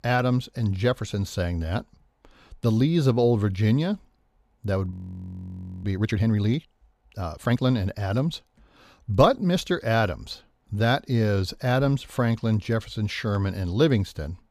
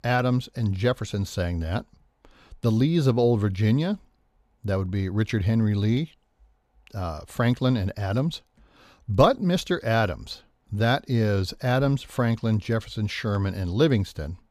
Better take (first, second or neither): second